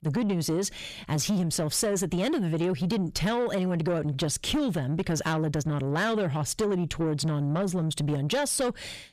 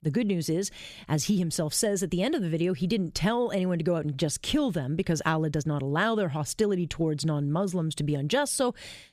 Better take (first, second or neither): second